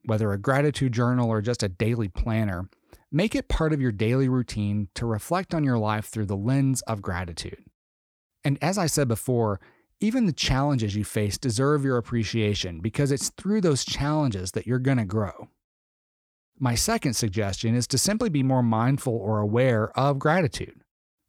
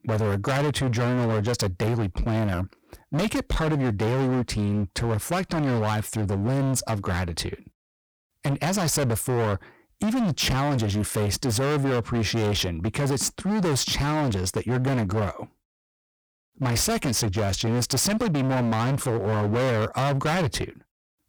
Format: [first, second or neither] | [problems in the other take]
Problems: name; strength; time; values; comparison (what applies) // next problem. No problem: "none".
first | distortion; heavy; 31% of the sound clipped